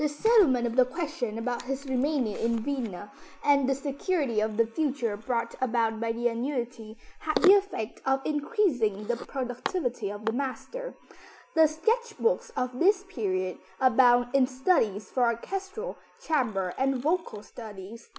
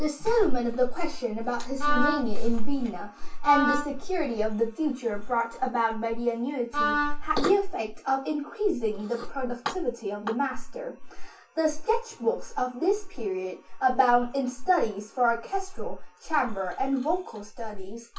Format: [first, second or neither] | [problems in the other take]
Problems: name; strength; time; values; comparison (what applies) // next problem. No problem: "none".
first | background sound (Wind instrument, woodwind instrument); 4 dB below the speech // room echo; dies away in 0.2 s